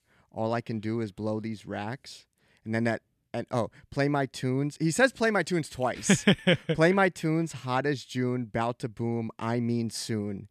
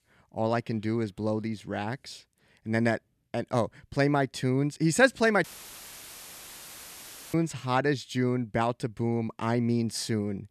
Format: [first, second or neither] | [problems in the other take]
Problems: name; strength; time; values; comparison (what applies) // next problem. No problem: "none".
first | audio cutting out; filled with static; at 5.5 s for 2 s